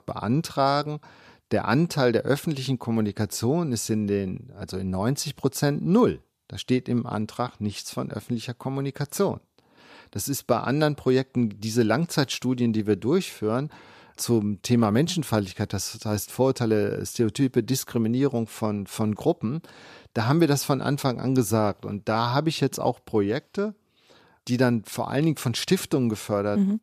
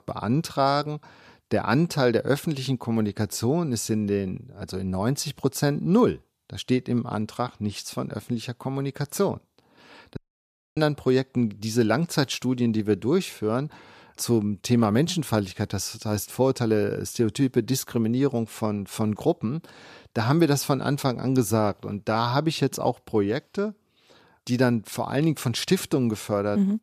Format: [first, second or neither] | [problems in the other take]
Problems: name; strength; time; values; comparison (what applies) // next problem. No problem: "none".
first | audio cutting out; at 10 s for 0.5 s